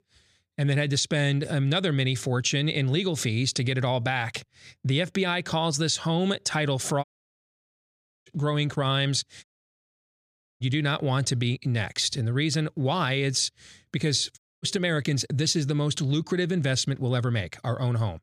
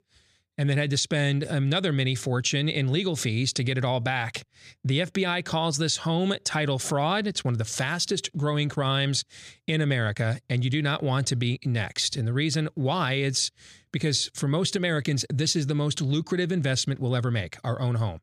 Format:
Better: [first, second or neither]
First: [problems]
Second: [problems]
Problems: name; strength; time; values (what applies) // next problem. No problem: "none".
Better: second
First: audio cutting out; at 7 s for 1 s, at 9.5 s for 1 s and at 14 s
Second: none